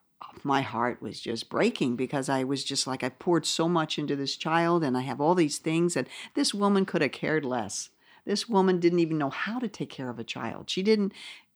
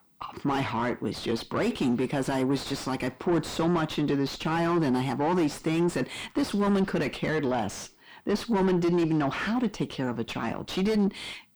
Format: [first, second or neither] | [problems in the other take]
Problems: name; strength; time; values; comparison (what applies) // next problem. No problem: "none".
first | distortion; heavy; 5 dB below the speech